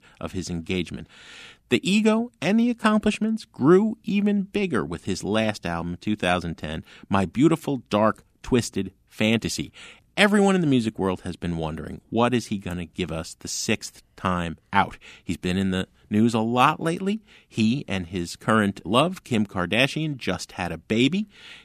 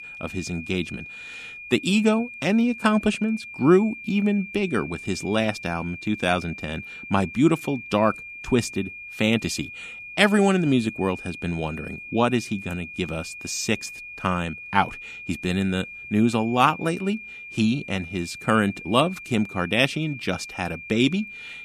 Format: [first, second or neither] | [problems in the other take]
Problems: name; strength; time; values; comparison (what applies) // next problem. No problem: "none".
first | high-pitched whine; noticeable; throughout; 2.5 kHz, 10 dB below the speech